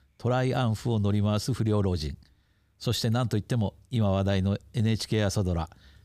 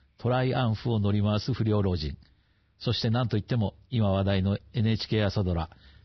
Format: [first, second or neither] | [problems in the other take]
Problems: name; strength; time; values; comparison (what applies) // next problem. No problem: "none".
first | garbled, watery; badly; nothing above 5.5 kHz